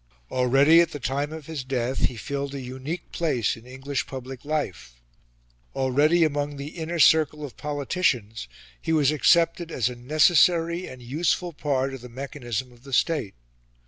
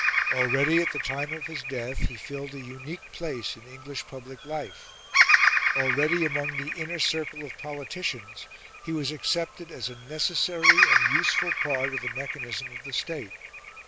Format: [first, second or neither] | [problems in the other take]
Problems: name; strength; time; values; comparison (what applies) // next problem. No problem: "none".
first | background sound (Bird vocalization, bird call, bird song); 4 dB above the speech